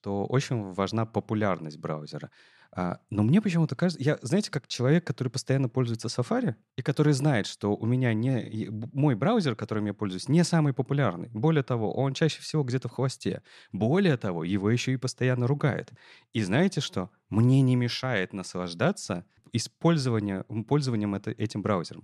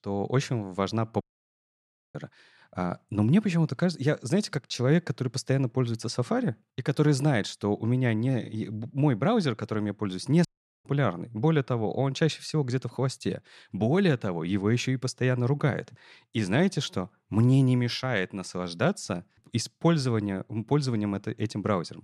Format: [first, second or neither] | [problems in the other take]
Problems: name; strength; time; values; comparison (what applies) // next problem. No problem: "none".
first | audio cutting out; at 1 s for 1 s and at 10 s